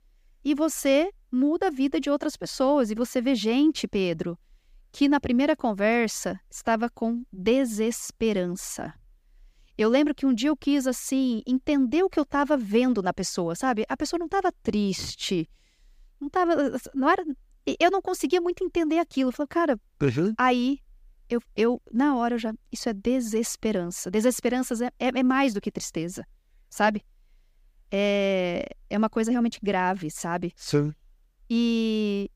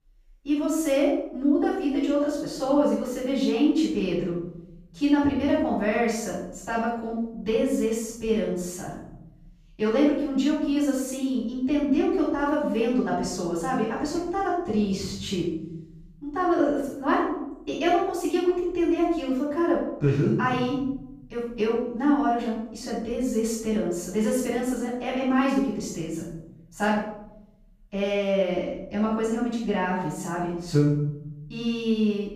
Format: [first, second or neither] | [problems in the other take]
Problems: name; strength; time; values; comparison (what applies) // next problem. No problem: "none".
first | off-mic speech; far // room echo; strong; dies away in 1.2 s